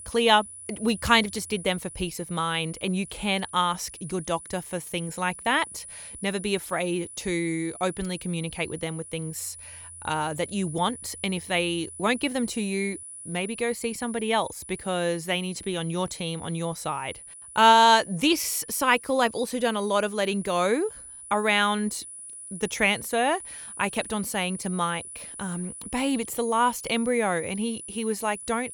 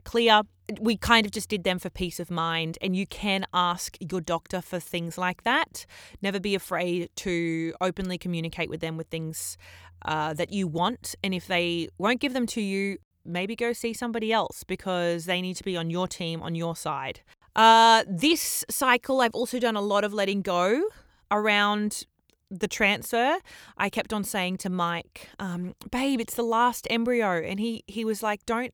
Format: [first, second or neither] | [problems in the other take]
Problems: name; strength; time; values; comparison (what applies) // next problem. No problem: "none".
second | high-pitched whine; noticeable; throughout; 10 kHz, 15 dB below the speech